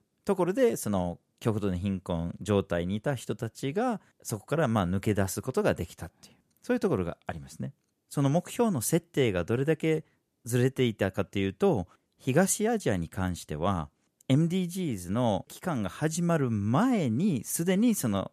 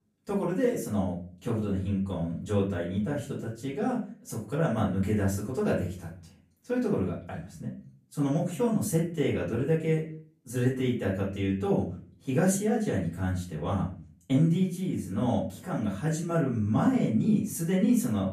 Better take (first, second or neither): first